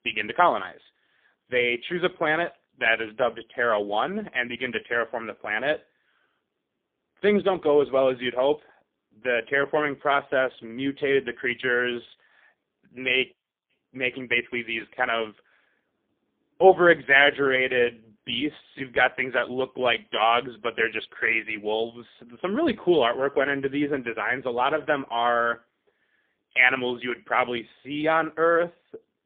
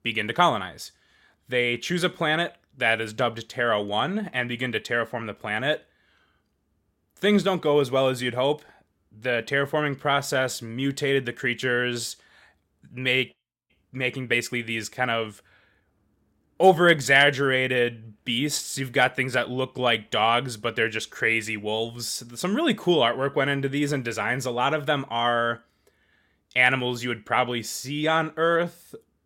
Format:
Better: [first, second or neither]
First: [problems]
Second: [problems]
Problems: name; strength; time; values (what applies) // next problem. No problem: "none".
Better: second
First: phone-call audio; poor line; nothing above 3.5 kHz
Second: none